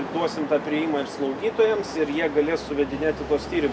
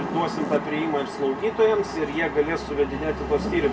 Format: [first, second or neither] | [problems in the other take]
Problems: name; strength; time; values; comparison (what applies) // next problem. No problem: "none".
first | background sound (Zipper (clothing)); 14 dB below the speech // room echo; dies away in 0.2 s